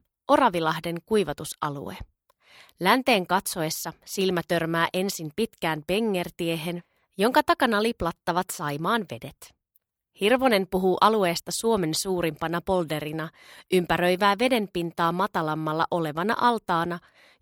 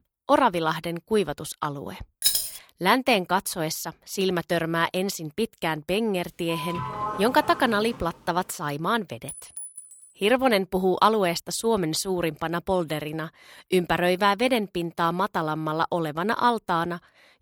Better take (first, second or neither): first